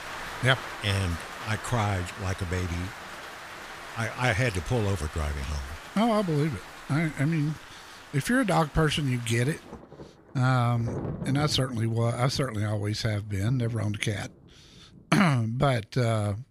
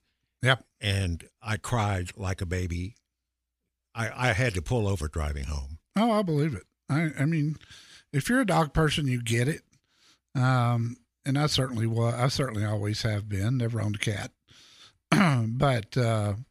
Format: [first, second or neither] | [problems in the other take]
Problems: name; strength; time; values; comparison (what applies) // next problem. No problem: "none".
second | rain or running water; noticeable; throughout; 15 dB below the speech